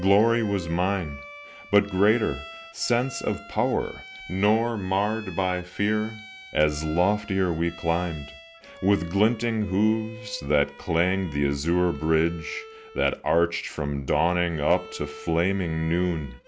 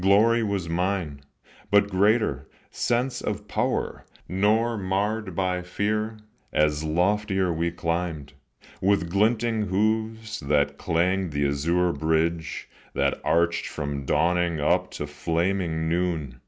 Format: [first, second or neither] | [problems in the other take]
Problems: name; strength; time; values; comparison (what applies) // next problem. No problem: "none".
second | background sound (Bowed string instrument); 18 dB below the speech